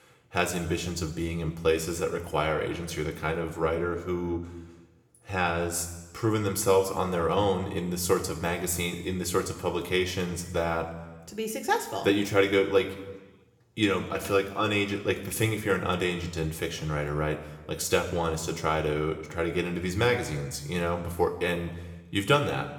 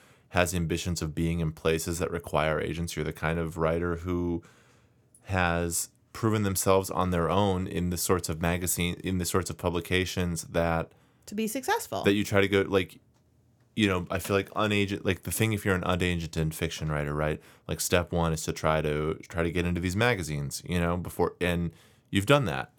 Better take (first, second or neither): second